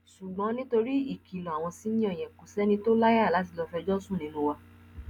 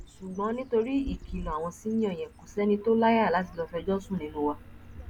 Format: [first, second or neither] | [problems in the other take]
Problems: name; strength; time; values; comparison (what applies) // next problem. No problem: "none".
first | background sound (Bird vocalization, bird call, bird song); 16 dB below the speech